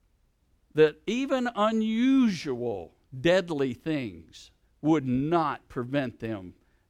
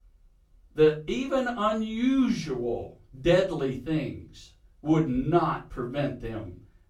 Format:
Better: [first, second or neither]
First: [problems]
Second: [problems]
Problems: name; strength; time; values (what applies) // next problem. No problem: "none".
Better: first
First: none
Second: off-mic speech; far // room echo; slight; dies away in 0.3 s